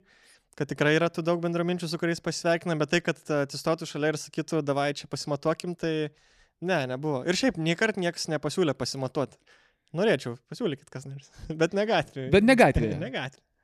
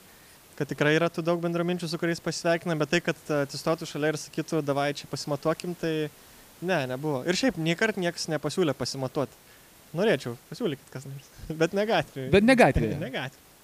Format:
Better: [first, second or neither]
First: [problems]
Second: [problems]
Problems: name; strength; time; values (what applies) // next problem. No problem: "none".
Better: first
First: none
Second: hiss; faint; throughout; 25 dB below the speech